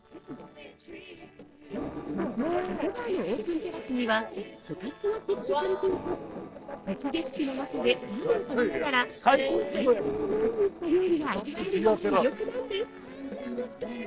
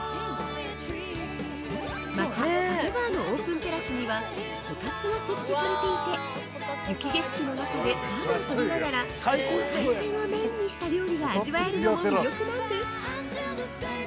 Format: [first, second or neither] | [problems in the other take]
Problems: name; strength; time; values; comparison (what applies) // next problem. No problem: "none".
second | noise reduction (neural separator model SepFormer DNS4)